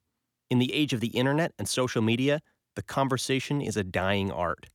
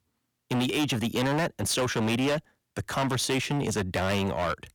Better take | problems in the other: first | distortion; heavy; 18% of the sound clipped

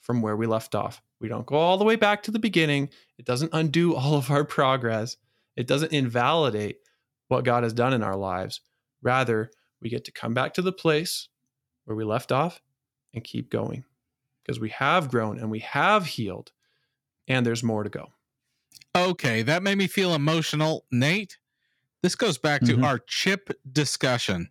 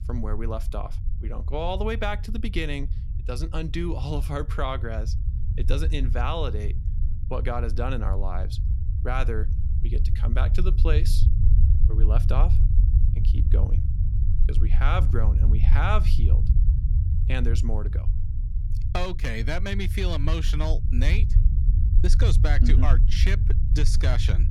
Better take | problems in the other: first | low rumble; noticeable; throughout; 10 dB below the speech

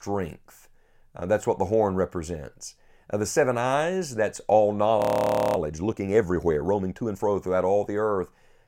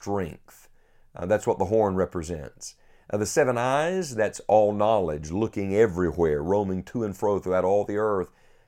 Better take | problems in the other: second | audio freezing; at 5 s for 0.5 s

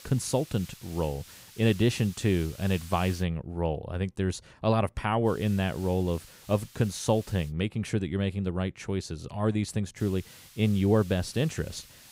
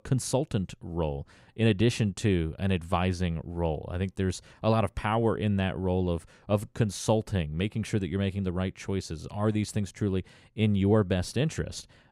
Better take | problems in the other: second | hiss; noticeable; until 3 s, from 5.5 to 7.5 s and from 10 s on; 20 dB below the speech

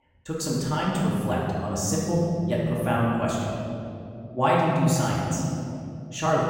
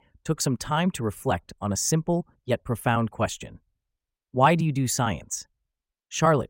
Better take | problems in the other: second | room echo; strong; dies away in 2.6 s // off-mic speech; far

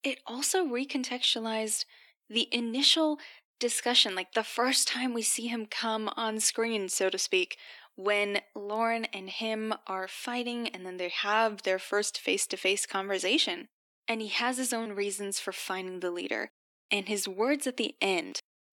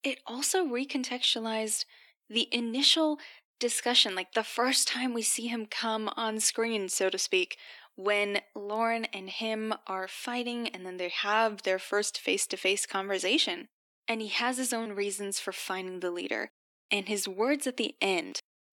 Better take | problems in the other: neither | thin; very slightly; fading below 300 Hz; the same in both

